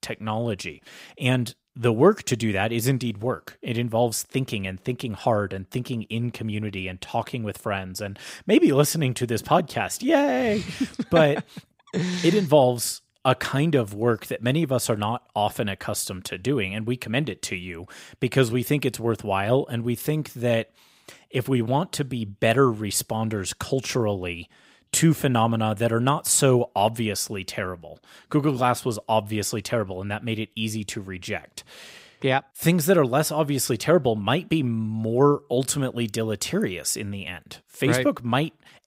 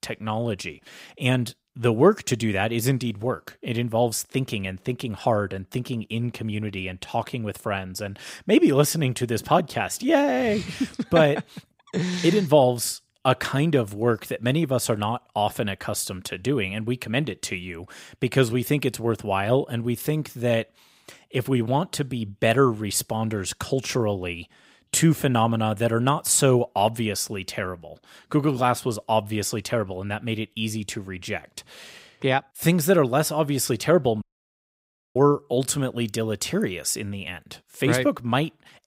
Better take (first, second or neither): first